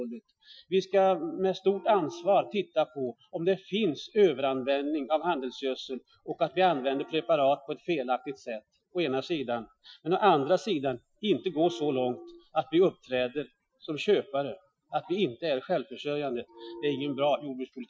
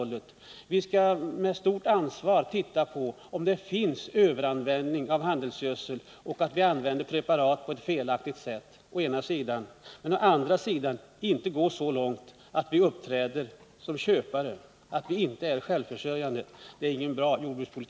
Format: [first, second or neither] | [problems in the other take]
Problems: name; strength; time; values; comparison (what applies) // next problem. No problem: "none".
second | noise reduction (classical method Wiener filter)